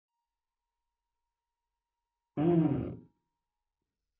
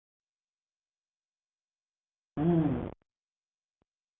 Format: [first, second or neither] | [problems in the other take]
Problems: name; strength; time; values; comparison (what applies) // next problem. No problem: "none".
second | noise reduction (neural mask model DeepFilterNet 3)